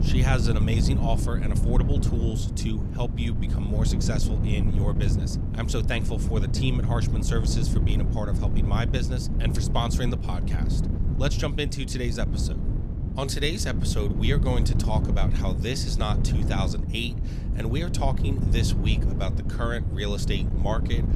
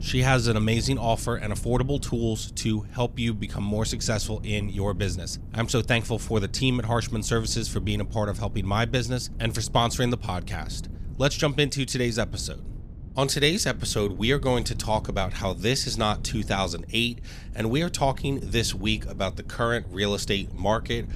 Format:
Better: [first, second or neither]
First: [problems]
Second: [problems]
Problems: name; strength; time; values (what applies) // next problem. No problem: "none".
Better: second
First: wind noise on the microphone; heavy; 5 dB below the speech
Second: wind noise on the microphone; occasional gusts; 20 dB below the speech